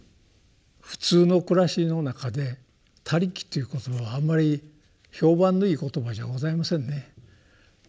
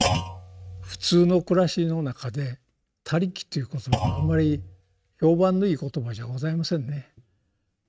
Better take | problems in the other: first | noise reduction (neural mask model RNNoise)

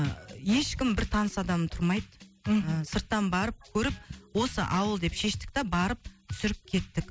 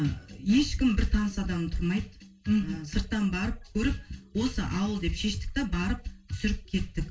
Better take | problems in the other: first | room echo; dies away in 0.2 s

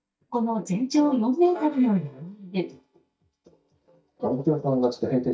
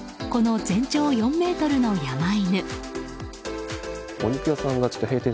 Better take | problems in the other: second | noise reduction (neural mask model DeepFilterNet 3)

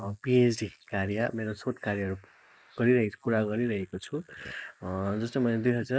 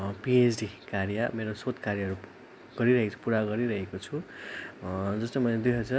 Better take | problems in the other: second | noise reduction (neural mask model Resemble Enhance denoiser)

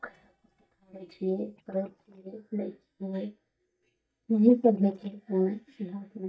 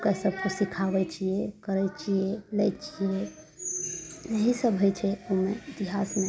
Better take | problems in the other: second | noise reduction (neural mask model DeepFilterNet 3)

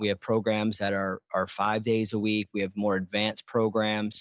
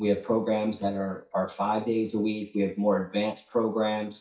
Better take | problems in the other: first | noise reduction (neural mask model DeepFilterNet 3)

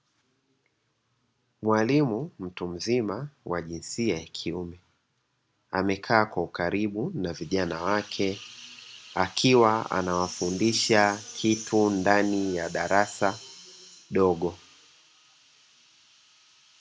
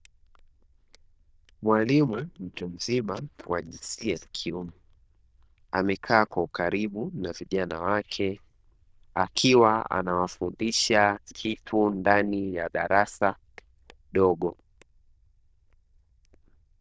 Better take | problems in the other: first | noise reduction (neural diffusion model UNIVERSE++)

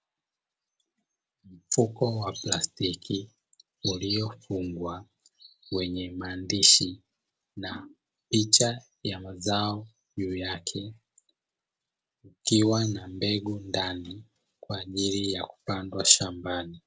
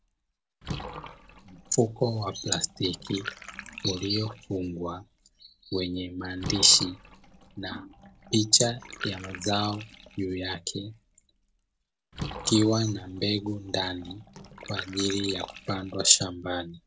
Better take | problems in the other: first | background sound (Bathtub (filling or washing) / Water); 15 dB below the speech

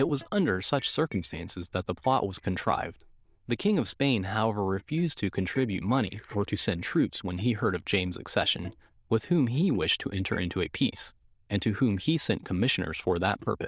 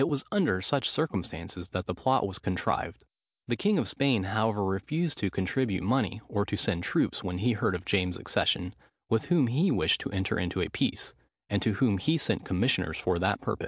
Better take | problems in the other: second | noise reduction (neural diffusion model UNIVERSE++)

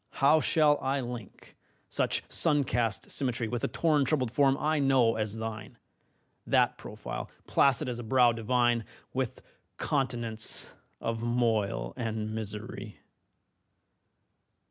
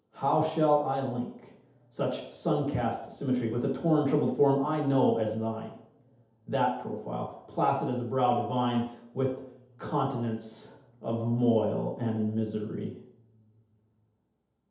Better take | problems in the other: first | room echo; dies away in 0.8 s

